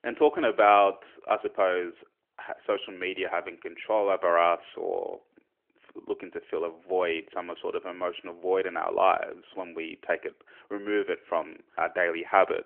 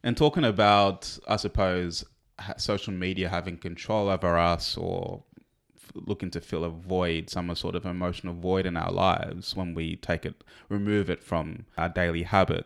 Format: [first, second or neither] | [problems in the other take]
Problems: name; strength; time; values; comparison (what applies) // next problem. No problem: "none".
second | phone-call audio; nothing above 3.5 kHz